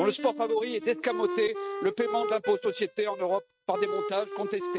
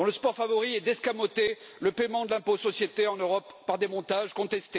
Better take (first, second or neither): second